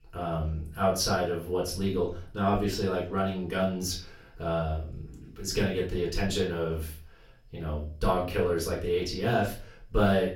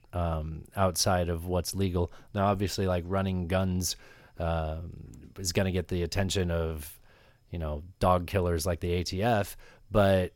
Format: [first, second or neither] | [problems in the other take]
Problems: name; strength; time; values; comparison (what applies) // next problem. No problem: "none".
second | off-mic speech; far // room echo; slight; dies away in 0.3 s